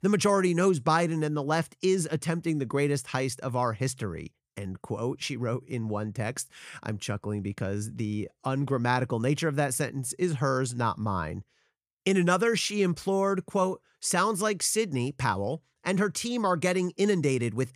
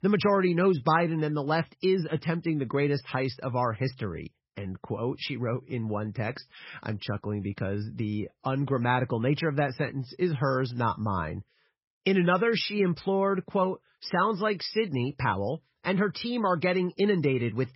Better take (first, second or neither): first